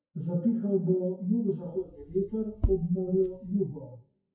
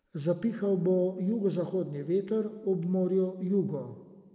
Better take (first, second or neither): second